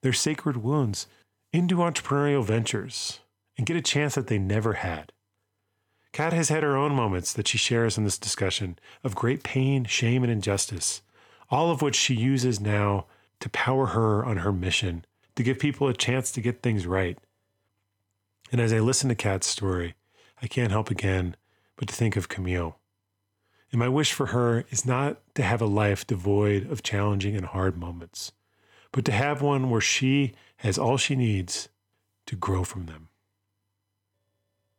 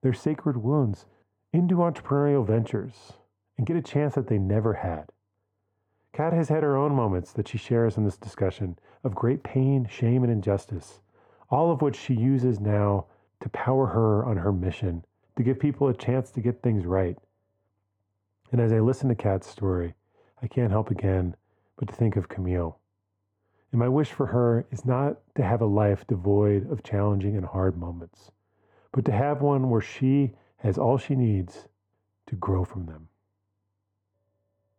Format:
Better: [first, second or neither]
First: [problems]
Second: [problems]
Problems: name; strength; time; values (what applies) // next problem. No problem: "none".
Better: first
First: none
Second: muffled; very; fading above 2 kHz